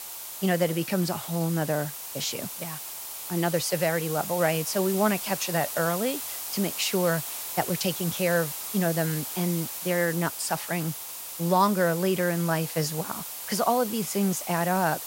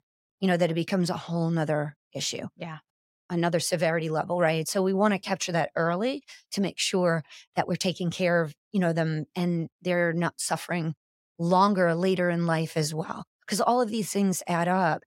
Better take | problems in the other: second | hiss; loud; throughout; 6 dB below the speech

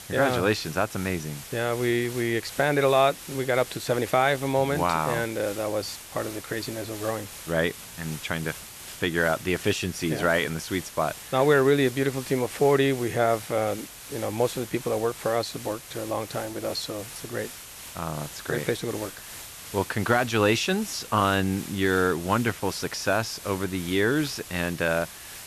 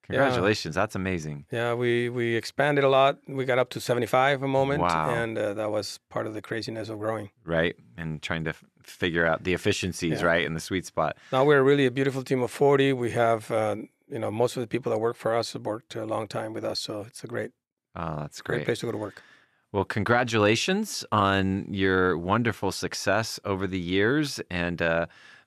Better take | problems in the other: second | hiss; noticeable; throughout; 15 dB below the speech

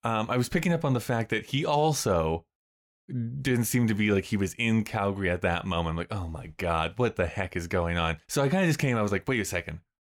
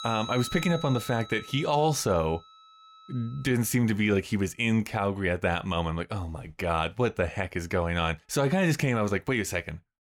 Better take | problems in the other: first | background music; noticeable; throughout; 15 dB below the speech

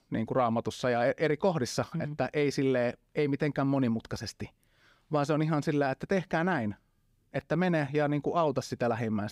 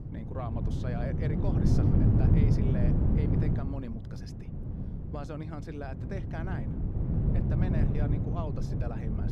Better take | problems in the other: first | wind noise on the microphone; heavy; 3 dB above the speech

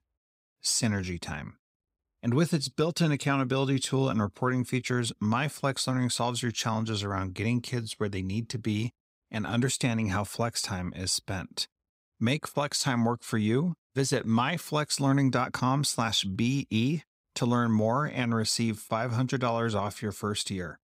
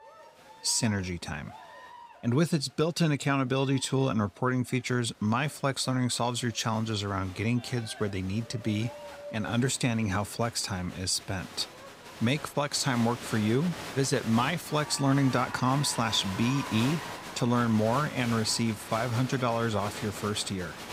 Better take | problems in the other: first | crowd noise; noticeable; throughout; 15 dB below the speech

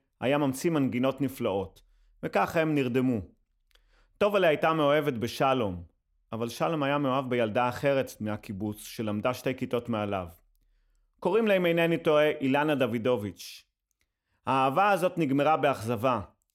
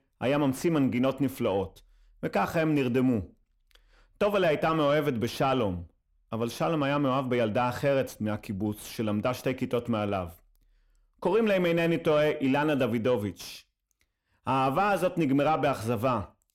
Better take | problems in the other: first | distortion; slight; 10 dB below the speech

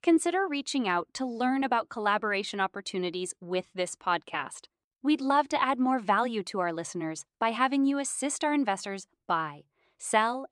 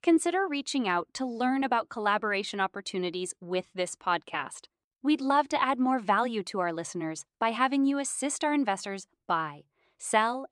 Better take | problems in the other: neither | none

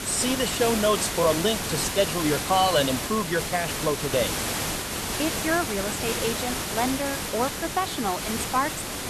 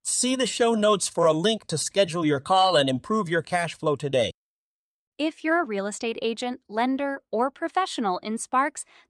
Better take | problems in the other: second | hiss; loud; throughout; 2 dB below the speech

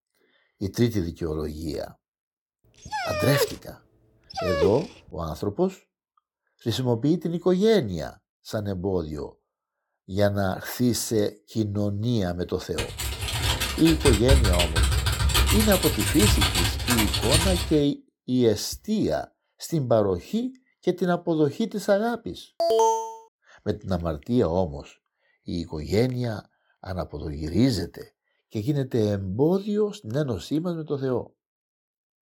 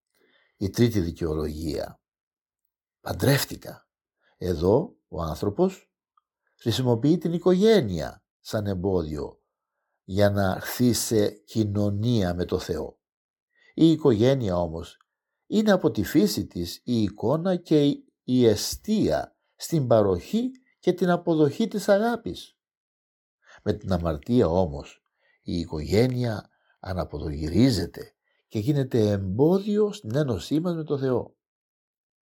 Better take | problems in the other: second | dog barking; loud; from 3 to 4.5 s; peak 1 dB above the speech // keyboard typing; loud; from 13 to 18 s; peak 6 dB above the speech // alarm; loud; at 23 s; peak 5 dB above the speech

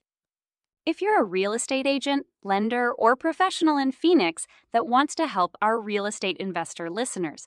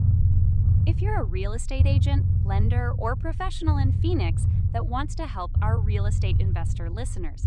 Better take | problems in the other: first | low rumble; loud; throughout; 6 dB below the speech

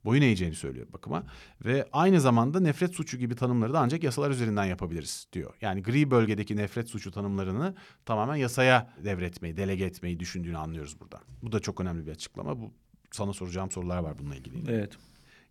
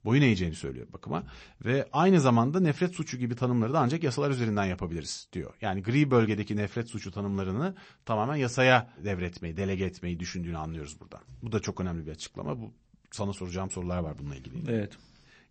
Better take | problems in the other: first | garbled, watery; slightly; nothing above 8 kHz

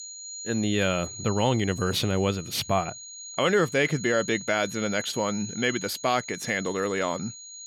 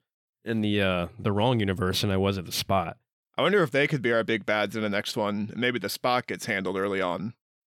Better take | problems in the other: second | high-pitched whine; noticeable; throughout; 6.5 kHz, 10 dB below the speech

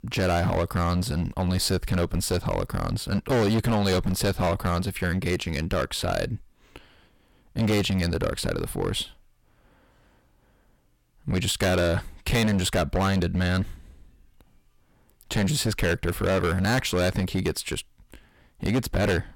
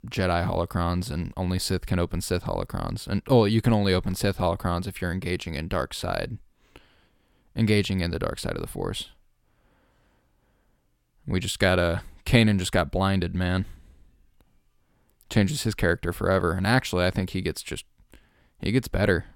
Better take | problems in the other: second | distortion; heavy; 12% of the sound clipped

